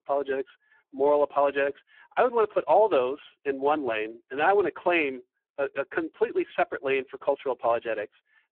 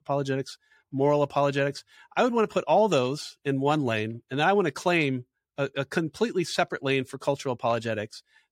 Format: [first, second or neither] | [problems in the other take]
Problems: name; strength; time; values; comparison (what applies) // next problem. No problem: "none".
second | phone-call audio; poor line